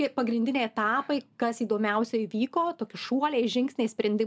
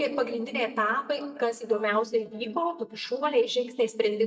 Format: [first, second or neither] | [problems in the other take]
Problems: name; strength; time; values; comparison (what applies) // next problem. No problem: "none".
first | noise reduction (neural mask model DeepFilterNet 3)